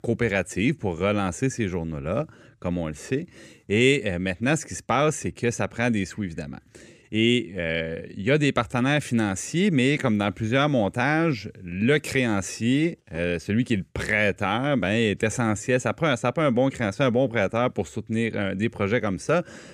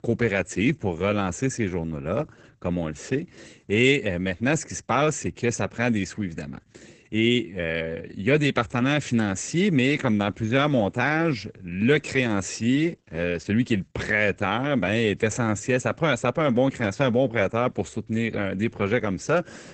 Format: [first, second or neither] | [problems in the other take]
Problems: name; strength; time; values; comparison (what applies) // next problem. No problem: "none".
first | garbled, watery; badly; nothing above 8 kHz